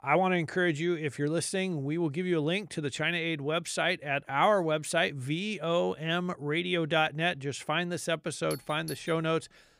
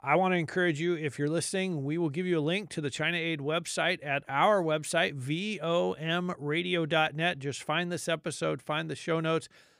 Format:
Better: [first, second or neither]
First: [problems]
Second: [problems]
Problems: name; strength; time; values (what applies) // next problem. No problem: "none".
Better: second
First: doorbell; faint; at 8.5 s; peak 15 dB below the speech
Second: none